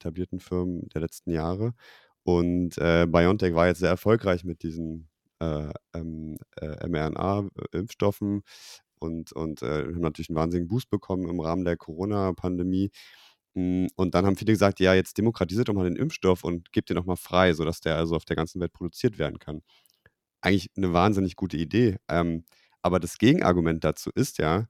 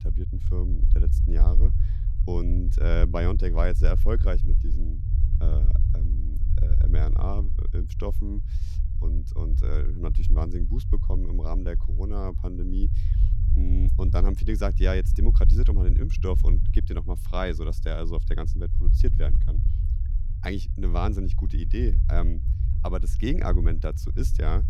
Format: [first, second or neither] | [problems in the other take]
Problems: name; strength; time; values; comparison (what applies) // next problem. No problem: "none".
first | low rumble; loud; throughout; 9 dB below the speech